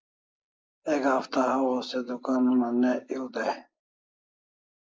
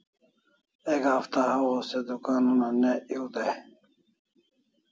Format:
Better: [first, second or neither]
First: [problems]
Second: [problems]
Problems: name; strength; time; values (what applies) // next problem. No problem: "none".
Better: second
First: noise reduction (neural mask model Resemble Enhance denoiser)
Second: none